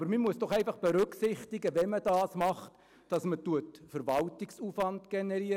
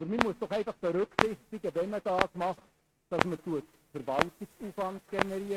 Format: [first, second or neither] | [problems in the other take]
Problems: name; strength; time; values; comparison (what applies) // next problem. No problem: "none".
first | noise reduction (neural mask model RNNoise)